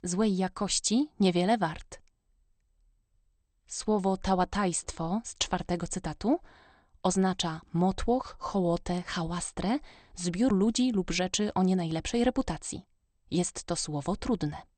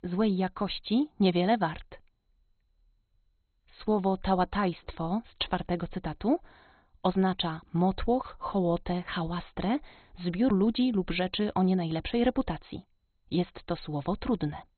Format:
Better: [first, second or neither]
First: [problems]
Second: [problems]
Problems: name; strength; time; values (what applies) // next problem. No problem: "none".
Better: first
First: garbled, watery; slightly; nothing above 8.5 kHz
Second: garbled, watery; badly; nothing above 4 kHz